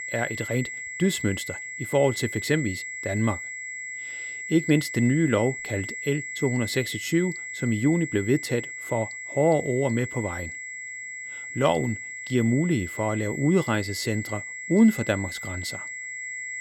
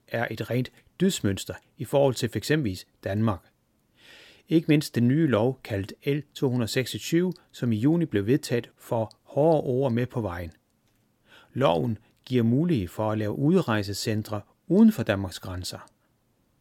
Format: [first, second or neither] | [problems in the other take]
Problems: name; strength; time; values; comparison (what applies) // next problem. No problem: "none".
second | high-pitched whine; loud; throughout; 2 kHz, 8 dB below the speech